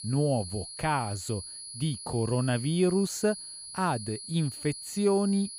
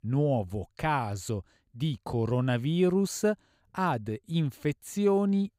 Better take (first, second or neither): second